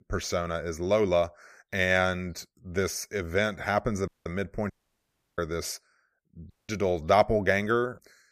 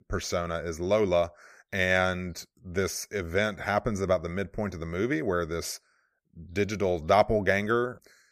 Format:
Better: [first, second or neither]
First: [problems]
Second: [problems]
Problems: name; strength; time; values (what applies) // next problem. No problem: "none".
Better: second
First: audio cutting out; at 4 s, at 4.5 s for 0.5 s and at 6.5 s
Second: none